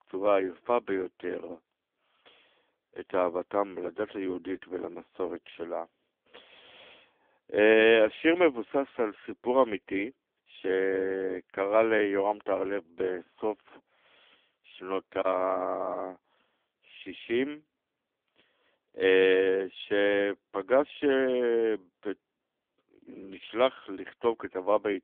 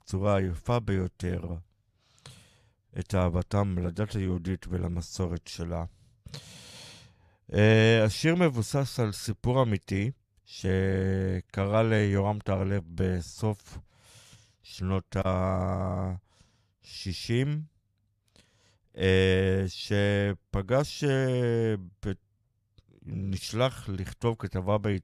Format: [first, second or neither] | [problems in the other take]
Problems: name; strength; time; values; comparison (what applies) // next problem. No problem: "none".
second | phone-call audio; poor line; nothing above 3.5 kHz